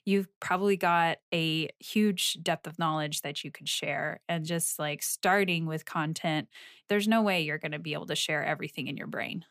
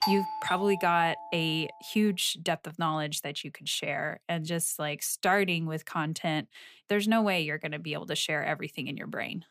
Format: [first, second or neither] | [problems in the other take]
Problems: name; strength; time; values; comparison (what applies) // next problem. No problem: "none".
first | doorbell; loud; until 1 s; peak level with the speech